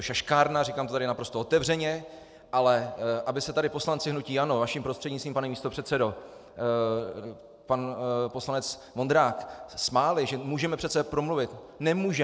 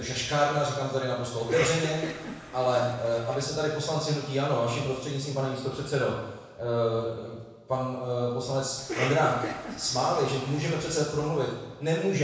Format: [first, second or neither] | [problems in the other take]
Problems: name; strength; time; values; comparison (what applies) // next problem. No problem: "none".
first | background sound (Cough); 8 dB below the speech // room echo; dies away in 1 s